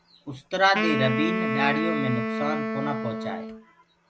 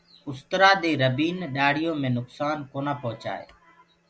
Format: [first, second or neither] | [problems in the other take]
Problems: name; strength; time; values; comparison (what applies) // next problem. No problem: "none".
second | background sound (Wind instrument, woodwind instrument); 1 dB below the speech